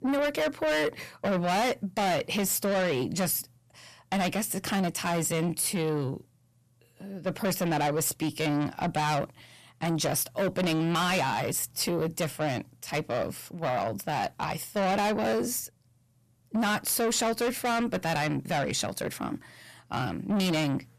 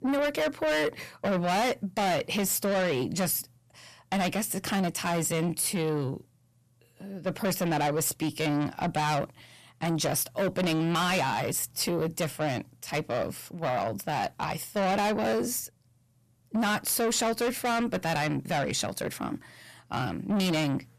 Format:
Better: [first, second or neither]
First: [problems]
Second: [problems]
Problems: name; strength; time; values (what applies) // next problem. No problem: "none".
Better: neither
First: distortion; heavy; 6 dB below the speech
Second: distortion; heavy; 6 dB below the speech